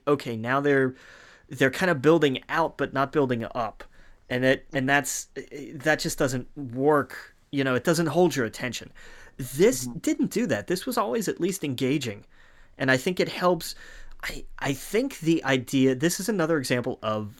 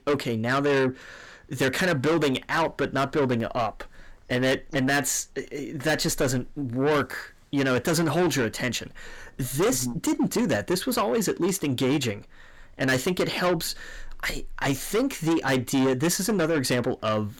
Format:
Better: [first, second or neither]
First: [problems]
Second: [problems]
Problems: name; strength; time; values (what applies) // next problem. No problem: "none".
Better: first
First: none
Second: distortion; heavy; 7 dB below the speech